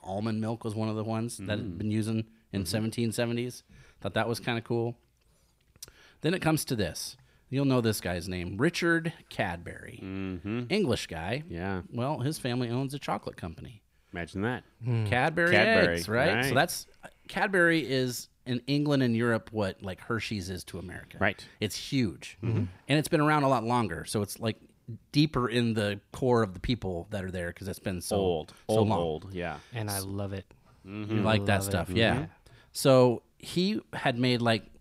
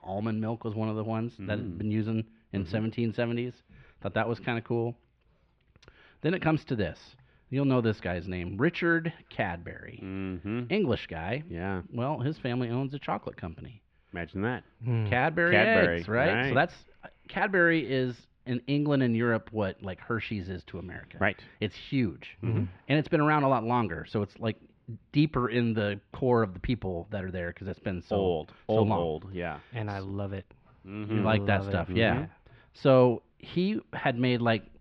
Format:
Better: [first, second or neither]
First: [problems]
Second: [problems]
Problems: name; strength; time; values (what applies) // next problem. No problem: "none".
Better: first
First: none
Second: muffled; slightly; fading above 3 kHz